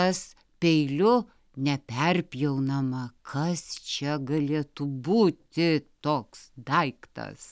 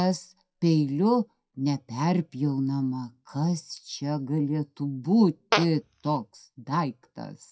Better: first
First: none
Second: noise reduction (classical method WPE with log-MMSE)

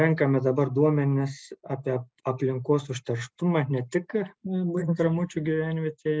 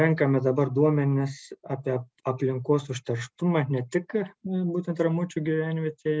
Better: second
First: noise reduction (neural mask model Resemble Enhance denoiser)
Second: none

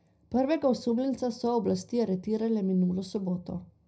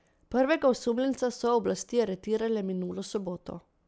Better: second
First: room echo; dies away in 0.4 s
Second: none

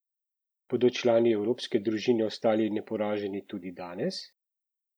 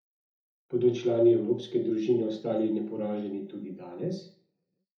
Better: first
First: none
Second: room echo; dies away in 0.6 s

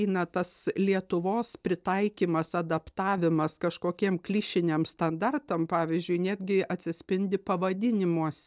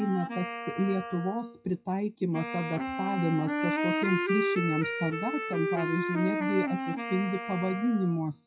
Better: first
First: none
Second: noise reduction (classical method WPE with log-MMSE)

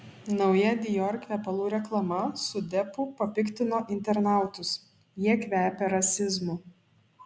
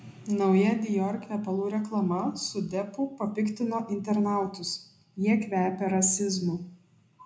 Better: first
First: none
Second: room echo; dies away in 0.3 s

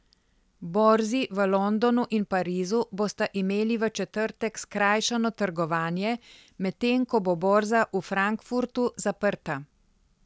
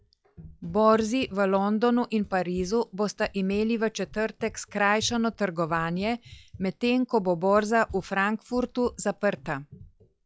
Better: first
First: none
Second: noise reduction (classical method log-MMSE)

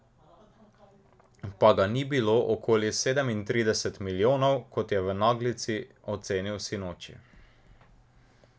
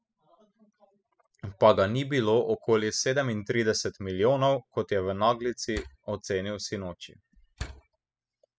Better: first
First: none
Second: noise reduction (classical method spectral subtraction)

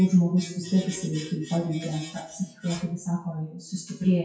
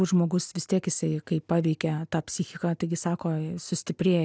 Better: second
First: noise reduction (classical method WPE with log-MMSE)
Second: none

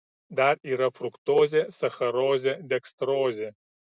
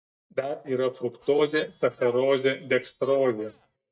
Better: first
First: none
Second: noise reduction (neural mask model DeepFilterNet 3)

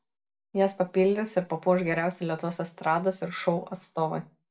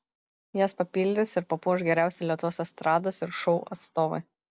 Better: second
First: room echo; dies away in 0.2 s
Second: none

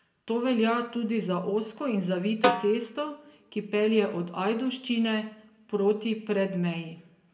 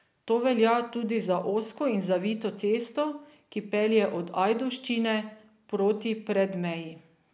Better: second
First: background sound (Snare drum); 3 dB below the speech // room echo; dies away in 0.6 s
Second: none

